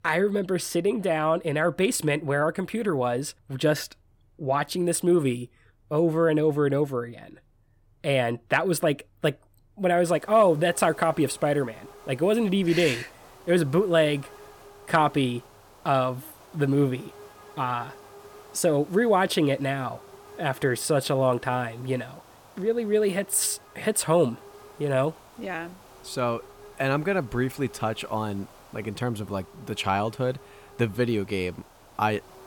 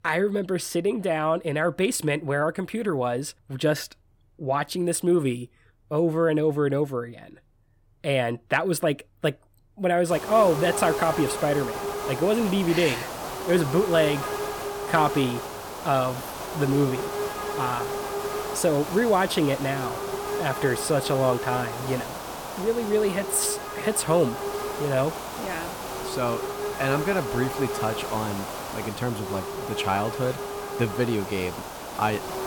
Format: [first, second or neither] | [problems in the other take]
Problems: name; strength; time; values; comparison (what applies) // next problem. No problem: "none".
first | hiss; loud; from 10 s on; 6 dB below the speech; faint in the first